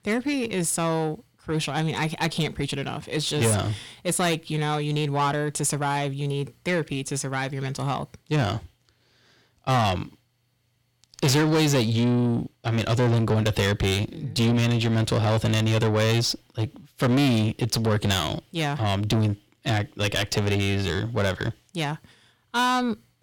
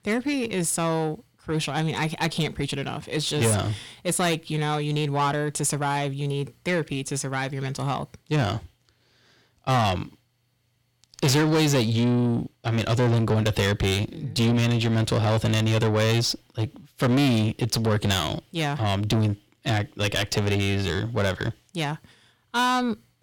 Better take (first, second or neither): neither